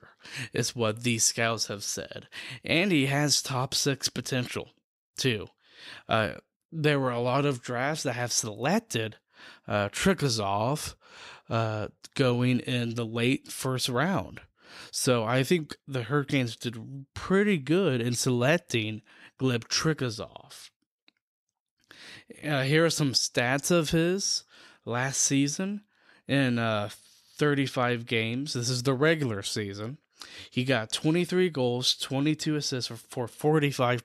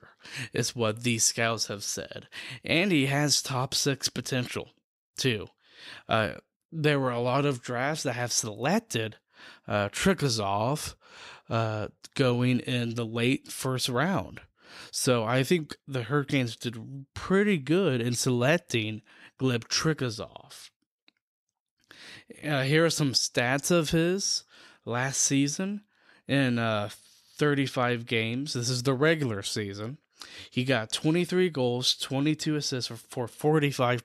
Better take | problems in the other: neither | none

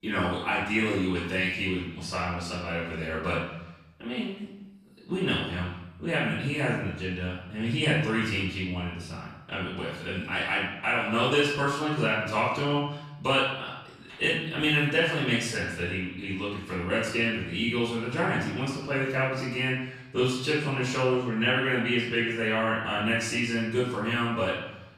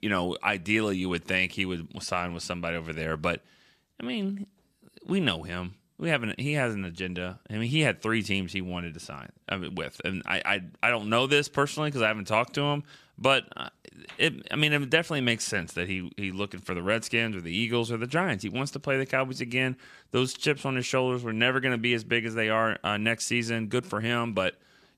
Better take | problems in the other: second | off-mic speech; far // room echo; noticeable; dies away in 0.8 s

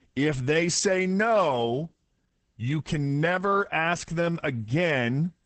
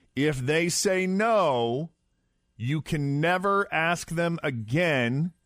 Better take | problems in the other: second | garbled, watery; badly; nothing above 8 kHz

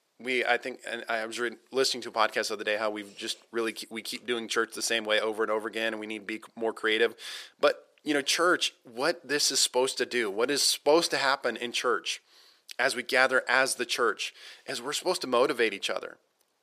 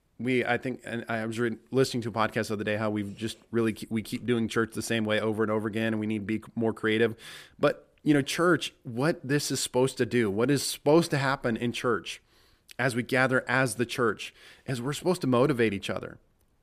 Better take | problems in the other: second | thin; somewhat; fading below 500 Hz

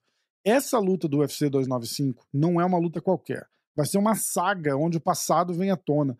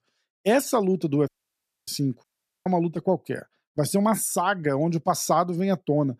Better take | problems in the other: first | audio cutting out; at 1.5 s for 0.5 s and at 2 s

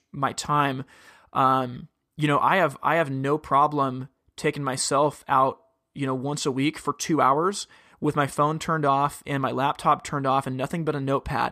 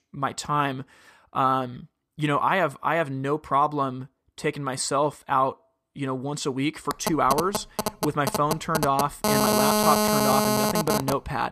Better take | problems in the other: first | phone ringing; loud; from 7 s on; peak 5 dB above the speech

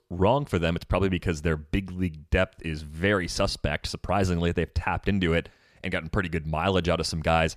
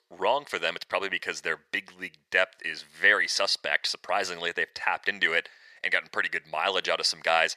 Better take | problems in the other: first | thin; very; fading below 650 Hz

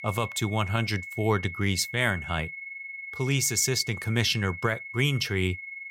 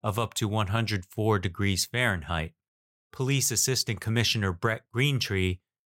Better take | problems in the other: second | high-pitched whine; loud; throughout; 2 kHz, 10 dB below the speech

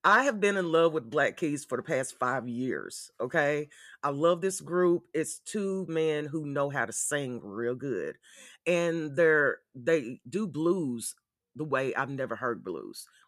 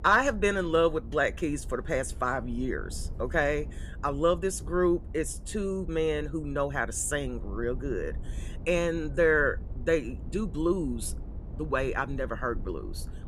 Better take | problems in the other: first | low rumble; faint; throughout; 25 dB below the speech

